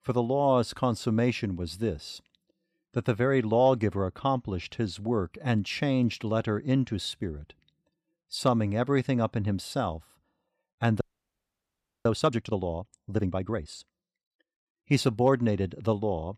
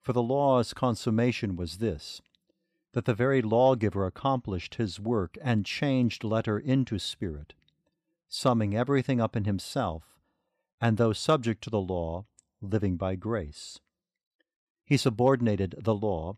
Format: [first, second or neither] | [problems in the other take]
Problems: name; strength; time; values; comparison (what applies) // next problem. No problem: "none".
second | audio freezing; at 11 s for 1 s